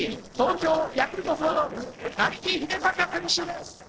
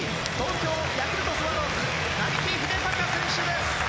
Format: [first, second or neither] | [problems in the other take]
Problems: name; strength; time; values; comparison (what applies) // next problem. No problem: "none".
second | noise reduction (neural separator model SepFormer DNS4)